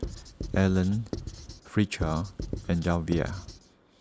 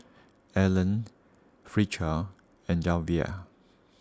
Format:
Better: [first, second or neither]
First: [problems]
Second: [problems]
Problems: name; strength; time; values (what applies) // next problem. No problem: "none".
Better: second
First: background sound (Writing); 9 dB below the speech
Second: none